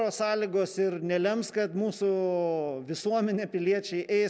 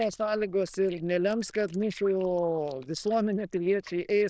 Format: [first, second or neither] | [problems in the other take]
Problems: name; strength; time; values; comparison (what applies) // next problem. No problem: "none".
first | noise reduction (neural diffusion model UNIVERSE++)